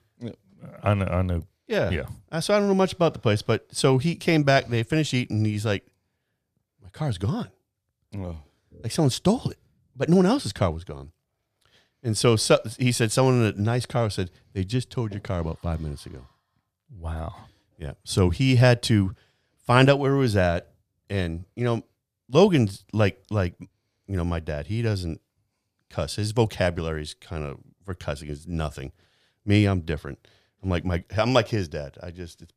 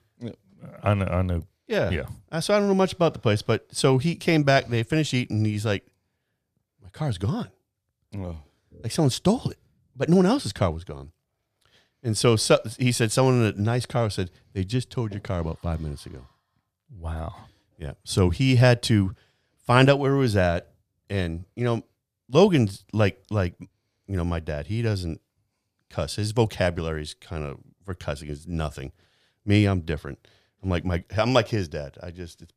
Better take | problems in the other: neither | none

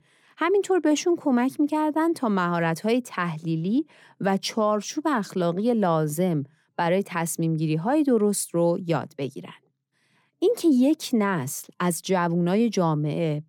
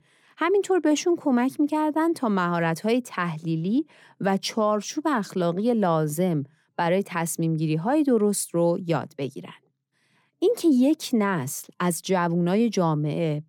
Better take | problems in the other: neither | none

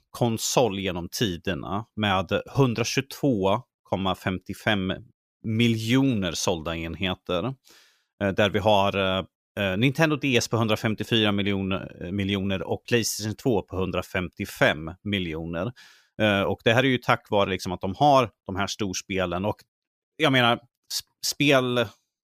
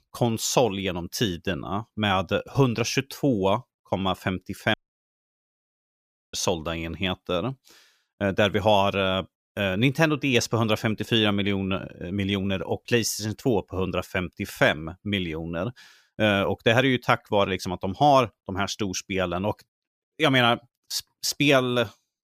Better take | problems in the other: first | audio cutting out; at 4.5 s for 1.5 s

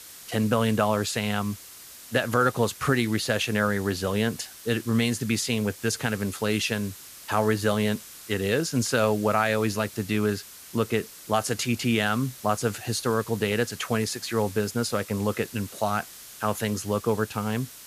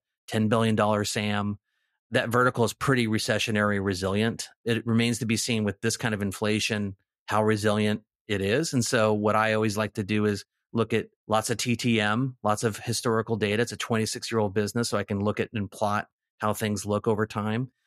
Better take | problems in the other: second | hiss; noticeable; throughout; 15 dB below the speech

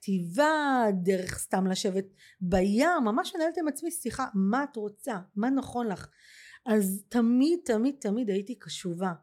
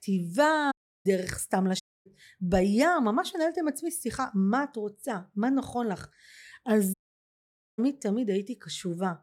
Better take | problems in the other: first | audio cutting out; at 0.5 s, at 2 s and at 7 s for 1 s

